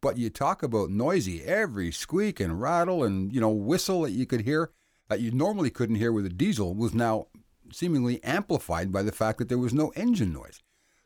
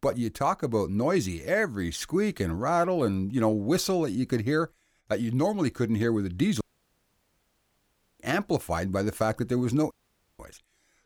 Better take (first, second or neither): first